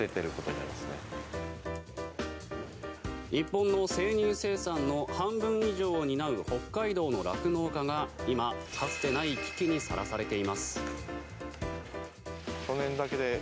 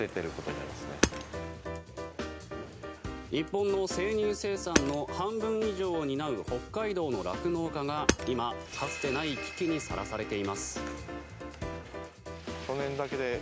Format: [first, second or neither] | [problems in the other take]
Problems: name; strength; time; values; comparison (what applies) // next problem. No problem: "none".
first | background sound (Hammer); 5 dB below the speech